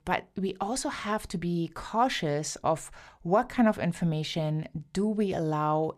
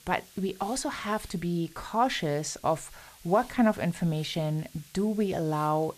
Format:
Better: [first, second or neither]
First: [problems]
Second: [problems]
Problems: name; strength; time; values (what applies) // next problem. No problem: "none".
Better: first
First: none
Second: hiss; faint; throughout; 20 dB below the speech